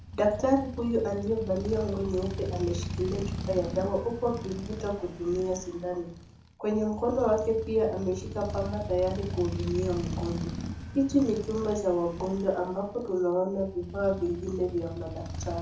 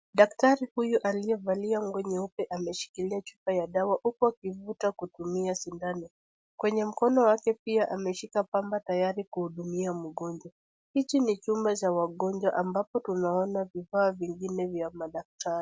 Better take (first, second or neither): second